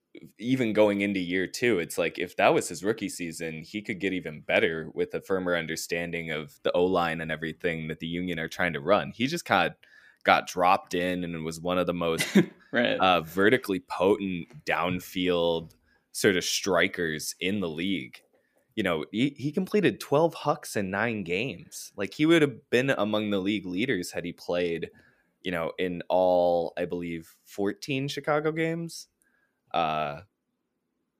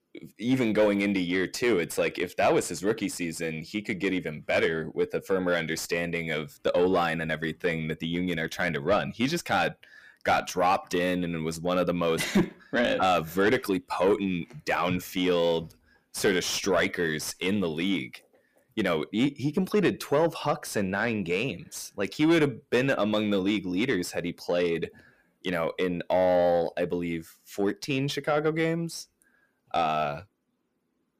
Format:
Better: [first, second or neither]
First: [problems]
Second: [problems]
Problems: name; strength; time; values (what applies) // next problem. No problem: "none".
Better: first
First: none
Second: distortion; slight; 10 dB below the speech